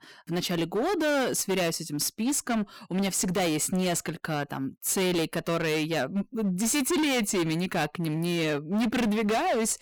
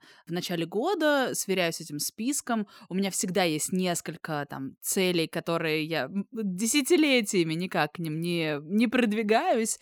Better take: second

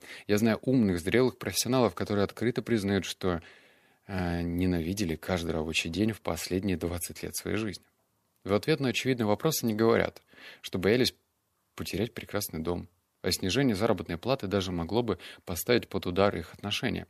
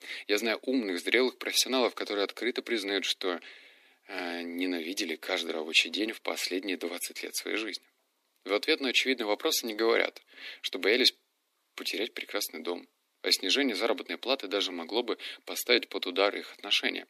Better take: first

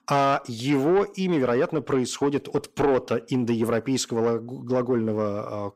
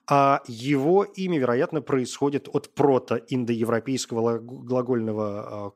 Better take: second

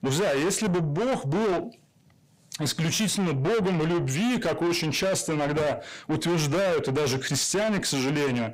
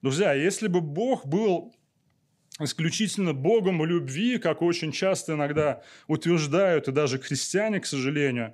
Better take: second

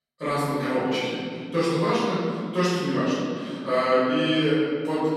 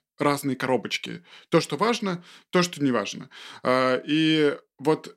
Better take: second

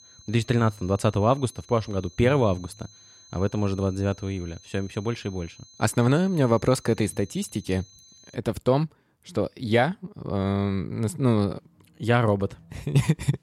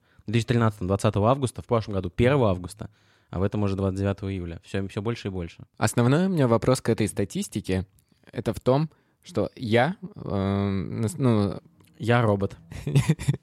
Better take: second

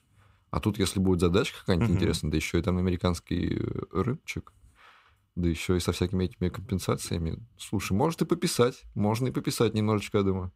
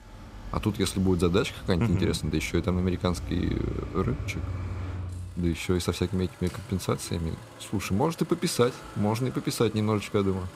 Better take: first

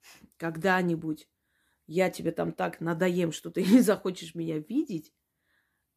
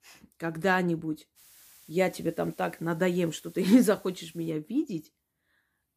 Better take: first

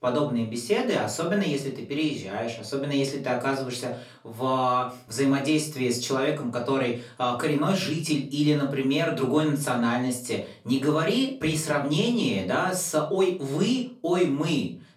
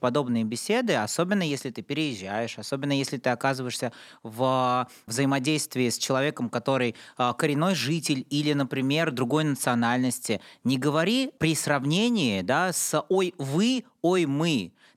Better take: second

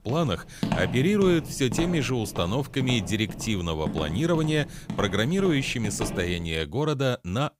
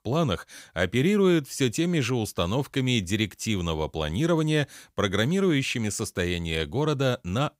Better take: second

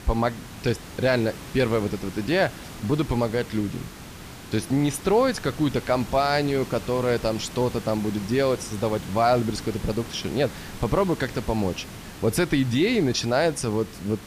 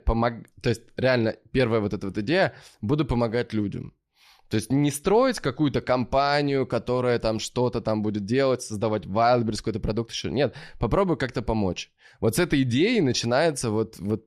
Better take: second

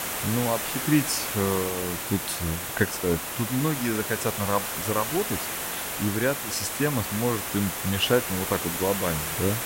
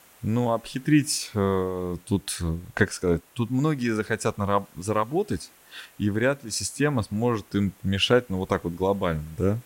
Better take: second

